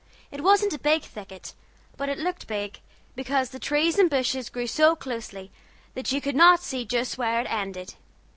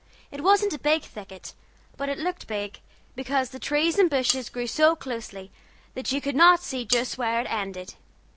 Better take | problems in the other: first | background sound (Cutlery, silverware); 6 dB below the speech

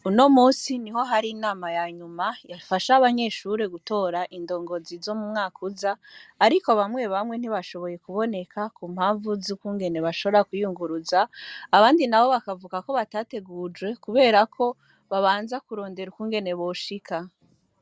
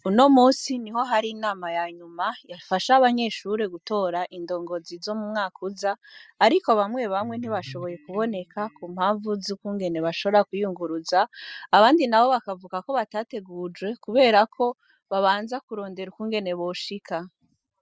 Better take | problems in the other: first | noise reduction (classical method spectral subtraction)

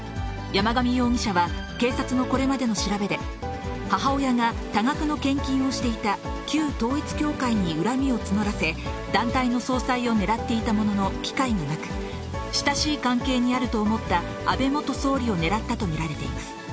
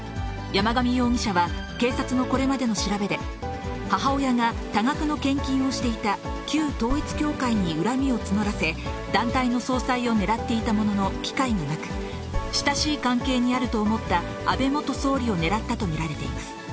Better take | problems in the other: first | background sound (Burping, eructation); 11 dB below the speech

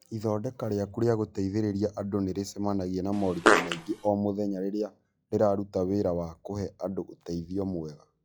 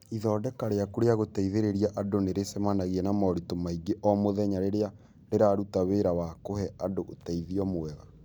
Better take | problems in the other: second | noise reduction (classical method log-MMSE)

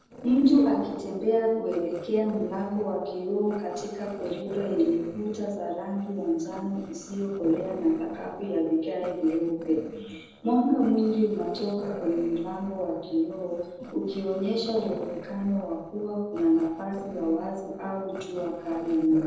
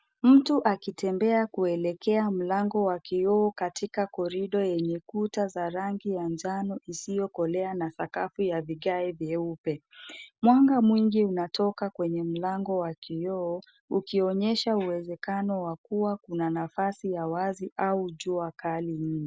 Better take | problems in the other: second | noise reduction (neural separator model SepFormer DNS4)

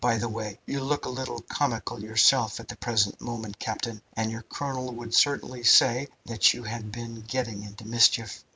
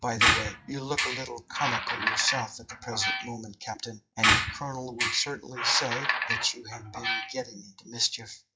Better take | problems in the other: first | noise reduction (classical method log-MMSE)

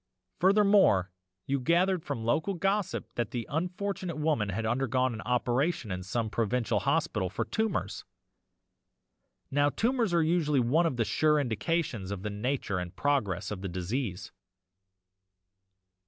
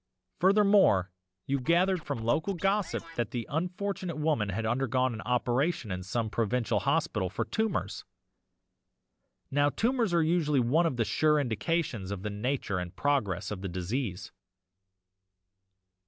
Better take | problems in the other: first | background sound (Scratching (performance technique)); 18 dB below the speech

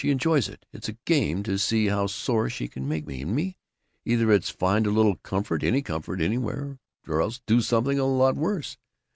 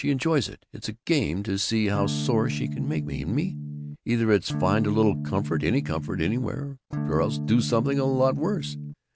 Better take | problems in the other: first | background sound (Electric guitar / Strum); 5 dB below the speech

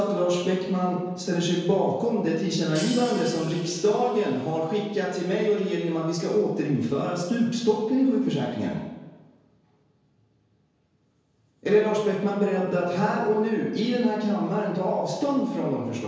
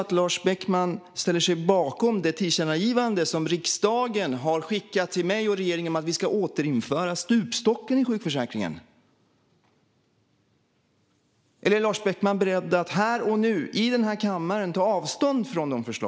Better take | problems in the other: second | background sound (Hi-hat); 18 dB below the speech // room echo; dies away in 1.2 s

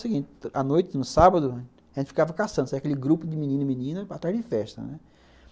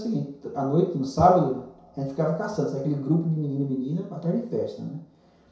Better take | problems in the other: first | room echo; dies away in 0.6 s

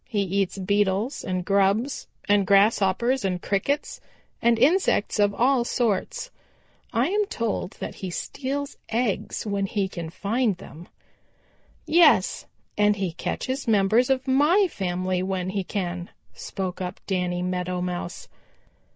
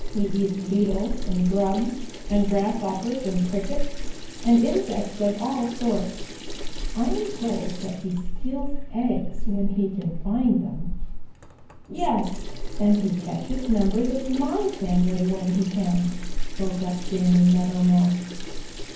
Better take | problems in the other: first | background sound (Sink (filling or washing) / Water tap, faucet); 3 dB below the speech // room echo; dies away in 0.9 s

